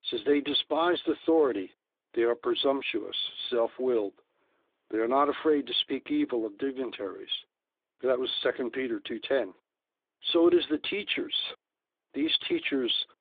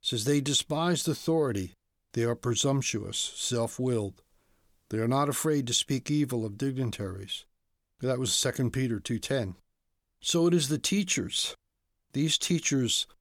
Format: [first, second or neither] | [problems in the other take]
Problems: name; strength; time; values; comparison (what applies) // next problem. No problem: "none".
second | phone-call audio; nothing above 3.5 kHz